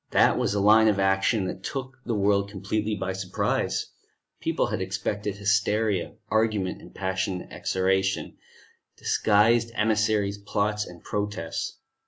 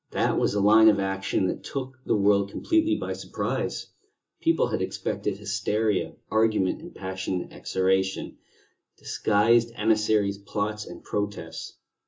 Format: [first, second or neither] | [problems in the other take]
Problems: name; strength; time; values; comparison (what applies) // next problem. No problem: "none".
first | room echo; dies away in 0.2 s